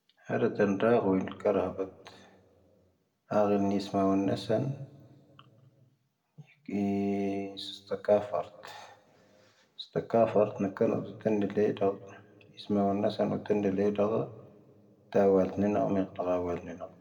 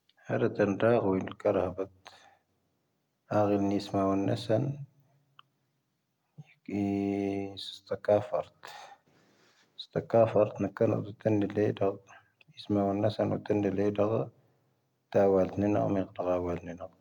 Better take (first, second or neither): second